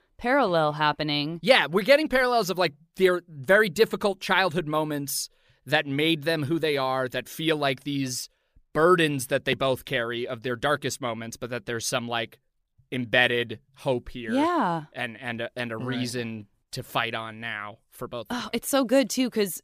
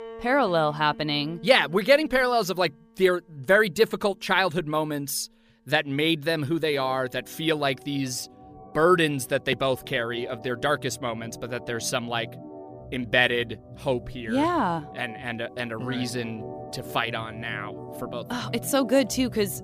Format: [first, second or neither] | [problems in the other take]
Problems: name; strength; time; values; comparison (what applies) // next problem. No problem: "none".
first | background music; noticeable; throughout; 15 dB below the speech